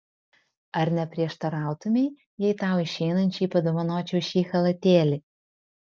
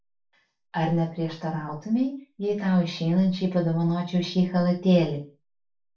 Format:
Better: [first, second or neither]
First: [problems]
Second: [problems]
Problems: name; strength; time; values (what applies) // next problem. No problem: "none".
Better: first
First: none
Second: room echo; dies away in 0.3 s